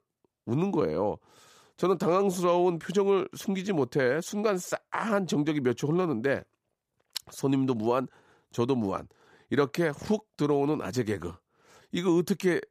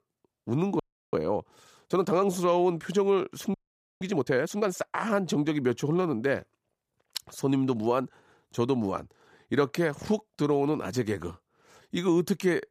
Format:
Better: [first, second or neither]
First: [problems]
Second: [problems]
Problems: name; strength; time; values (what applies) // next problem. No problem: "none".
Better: first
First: none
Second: audio freezing; at 1 s and at 3.5 s